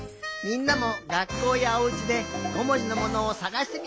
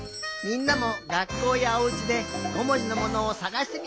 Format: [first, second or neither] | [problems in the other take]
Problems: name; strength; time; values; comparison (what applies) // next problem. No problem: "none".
first | background sound (Doorbell); 19 dB below the speech